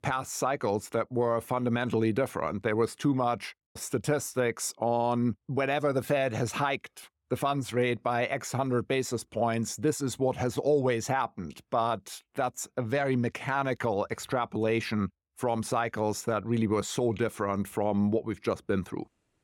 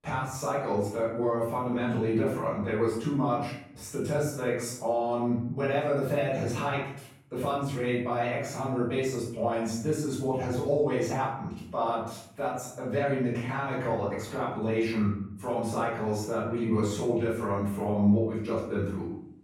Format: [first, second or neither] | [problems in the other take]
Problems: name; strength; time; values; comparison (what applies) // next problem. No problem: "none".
first | off-mic speech; far // room echo; noticeable; dies away in 0.7 s